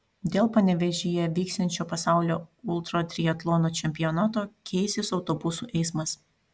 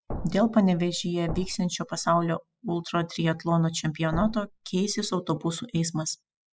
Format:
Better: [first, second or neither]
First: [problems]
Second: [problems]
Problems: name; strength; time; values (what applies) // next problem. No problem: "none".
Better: first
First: none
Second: noise reduction (classical method spectral subtraction)